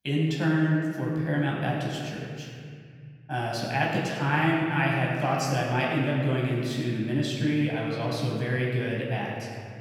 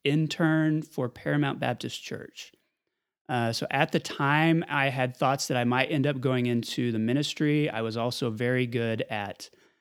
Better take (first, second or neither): second